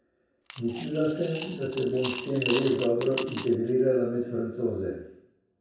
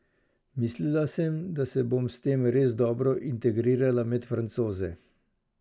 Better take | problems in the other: second | background sound (Coin (dropping) / Glass); 11 dB below the speech // room echo; dies away in 0.7 s

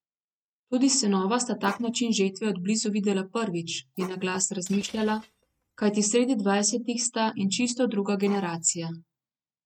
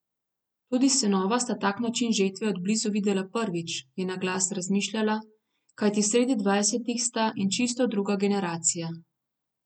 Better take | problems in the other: second | noise reduction (neural mask model RNNoise)

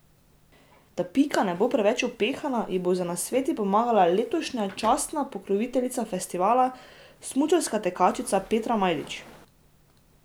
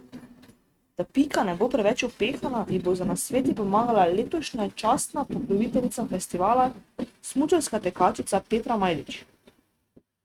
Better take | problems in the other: first | noise reduction (neural mask model RNNoise)

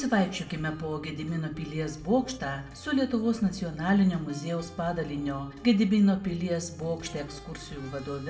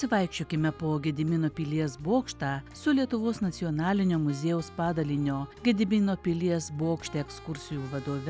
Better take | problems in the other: second | room echo; dies away in 0.6 s

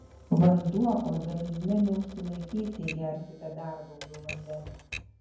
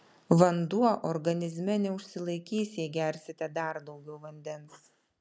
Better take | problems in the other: second | background sound (Typewriter); 15 dB below the speech // room echo; dies away in 0.9 s

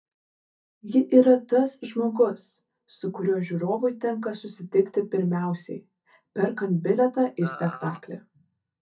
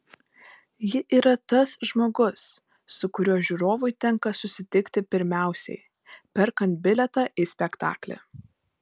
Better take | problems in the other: second | noise reduction (neural mask model DeepFilterNet 3)

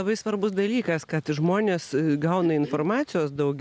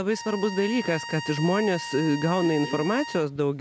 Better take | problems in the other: first | background sound (Bowed string instrument); 11 dB below the speech

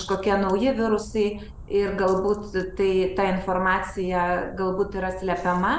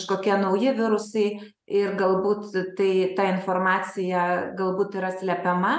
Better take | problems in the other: second | background sound (Splash, splatter); 16 dB below the speech

